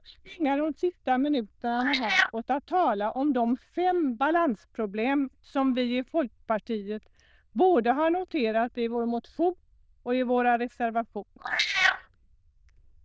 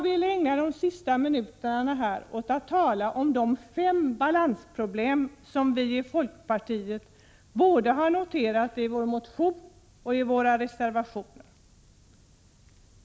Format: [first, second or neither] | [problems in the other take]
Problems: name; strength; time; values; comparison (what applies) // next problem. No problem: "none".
second | noise reduction (neural diffusion model UNIVERSE++)